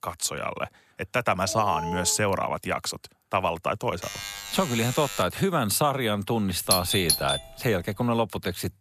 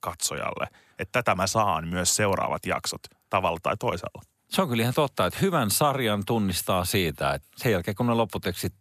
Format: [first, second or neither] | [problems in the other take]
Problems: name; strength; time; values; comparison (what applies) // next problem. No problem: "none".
second | alarm; noticeable; at 1.5 s and from 4 to 5 s; peak 6 dB below the speech // doorbell; loud; at 6.5 s; peak 3 dB above the speech